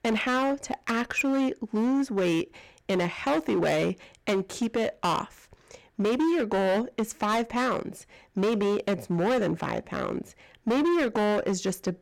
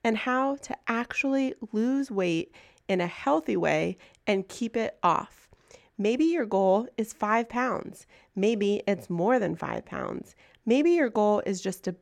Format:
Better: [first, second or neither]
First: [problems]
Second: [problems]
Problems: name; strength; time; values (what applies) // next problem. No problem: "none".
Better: second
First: distortion; heavy; 16% of the sound clipped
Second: none